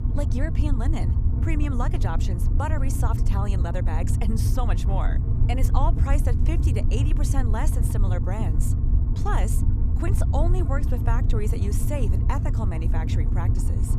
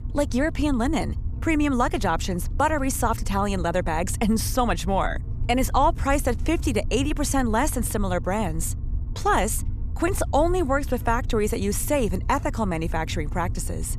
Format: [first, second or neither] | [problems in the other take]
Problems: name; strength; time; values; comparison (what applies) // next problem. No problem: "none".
second | low rumble; loud; throughout; 5 dB below the speech; faint in the second